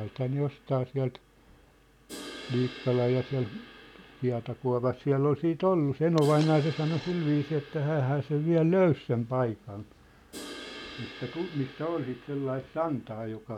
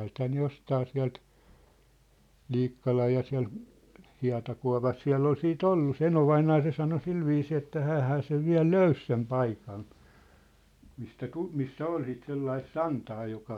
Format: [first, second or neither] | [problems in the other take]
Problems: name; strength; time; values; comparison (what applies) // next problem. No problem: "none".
second | background sound (Crash cymbal + Coin (dropping)); 18 dB below the speech